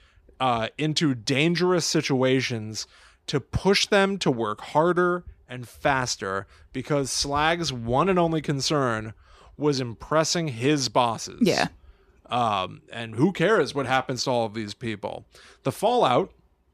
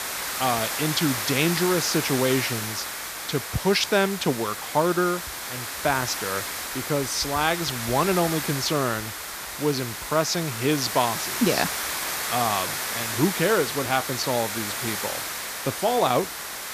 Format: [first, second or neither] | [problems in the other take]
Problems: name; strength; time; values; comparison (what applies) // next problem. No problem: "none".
first | hiss; loud; throughout; 3 dB below the speech